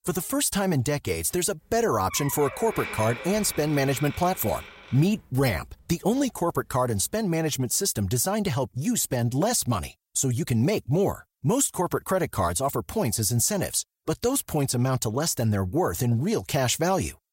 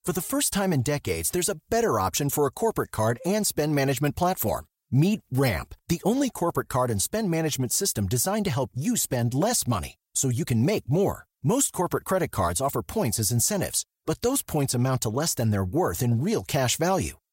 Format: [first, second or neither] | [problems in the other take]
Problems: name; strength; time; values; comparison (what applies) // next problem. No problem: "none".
second | door banging; noticeable; from 2 to 6 s; peak 8 dB below the speech